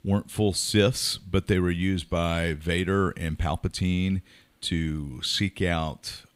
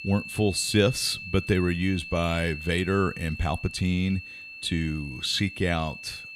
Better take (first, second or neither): first